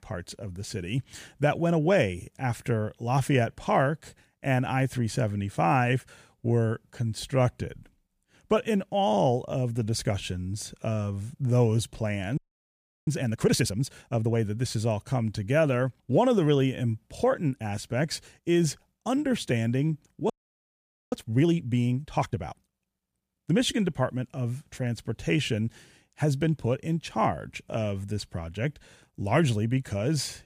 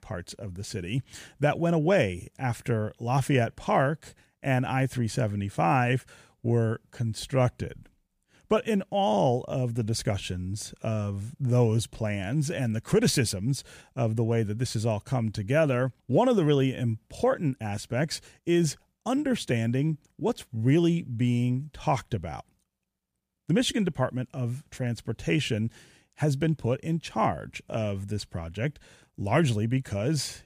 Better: second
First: audio freezing; at 12 s for 0.5 s and at 20 s for 1 s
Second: none

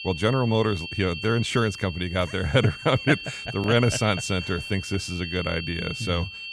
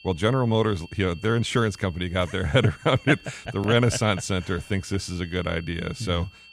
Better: second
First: high-pitched whine; loud; throughout; 2.5 kHz, 9 dB below the speech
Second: high-pitched whine; faint; throughout; 2.5 kHz, 25 dB below the speech

